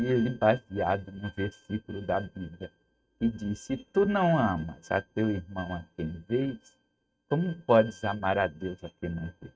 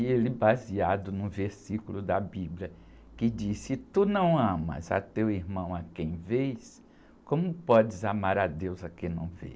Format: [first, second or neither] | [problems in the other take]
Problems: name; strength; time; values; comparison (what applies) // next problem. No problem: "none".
second | noise reduction (neural mask model RNNoise)